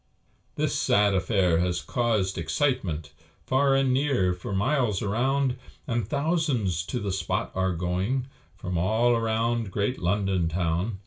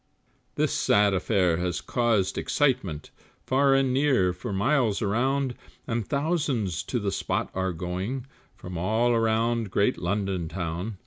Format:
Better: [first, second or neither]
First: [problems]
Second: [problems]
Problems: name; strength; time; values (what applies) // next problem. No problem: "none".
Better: second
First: room echo; dies away in 0.2 s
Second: none